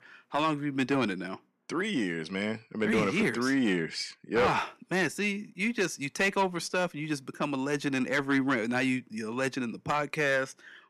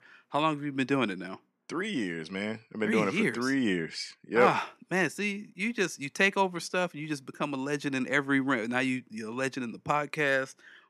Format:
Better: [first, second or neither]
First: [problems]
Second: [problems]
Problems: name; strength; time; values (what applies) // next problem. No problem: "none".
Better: second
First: distortion; slight; 10 dB below the speech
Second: none